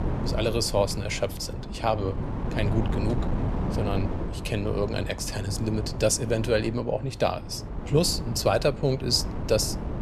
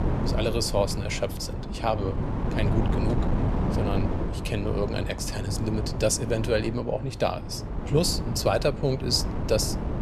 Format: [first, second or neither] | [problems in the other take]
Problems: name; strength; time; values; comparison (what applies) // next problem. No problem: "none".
first | wind noise on the microphone; heavy; 7 dB below the speech; occasional gusts in the first